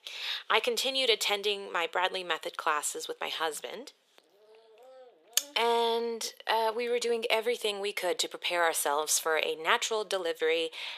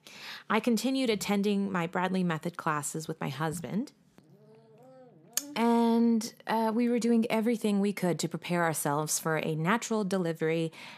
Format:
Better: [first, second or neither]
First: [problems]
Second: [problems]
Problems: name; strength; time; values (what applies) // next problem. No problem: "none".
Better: second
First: thin; very; fading below 450 Hz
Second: none